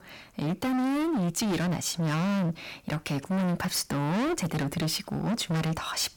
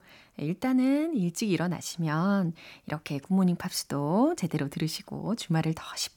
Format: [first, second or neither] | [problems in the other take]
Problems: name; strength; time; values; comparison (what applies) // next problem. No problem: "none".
second | distortion; heavy; 35% of the sound clipped